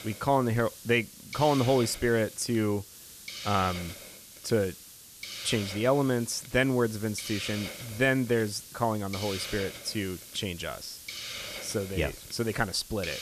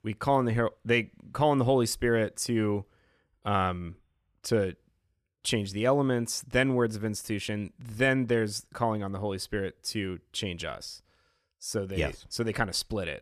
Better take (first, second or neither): second